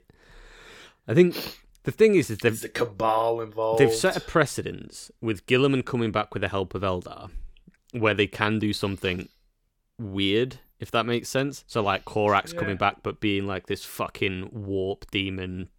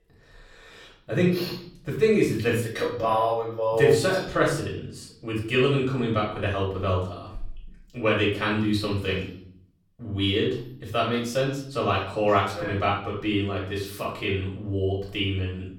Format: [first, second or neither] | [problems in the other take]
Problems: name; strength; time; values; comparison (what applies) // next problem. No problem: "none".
first | room echo; noticeable; dies away in 0.6 s // off-mic speech; far